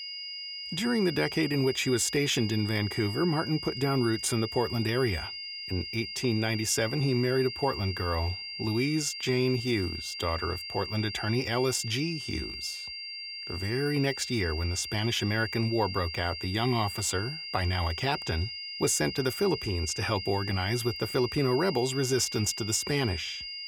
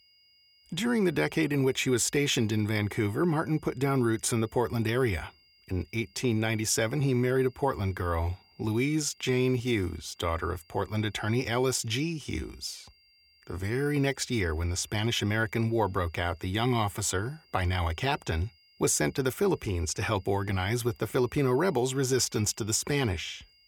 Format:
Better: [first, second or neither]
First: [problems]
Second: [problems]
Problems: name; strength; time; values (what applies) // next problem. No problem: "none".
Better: second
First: high-pitched whine; loud; throughout; 4.5 kHz, 7 dB below the speech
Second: high-pitched whine; faint; throughout; 4.5 kHz, 30 dB below the speech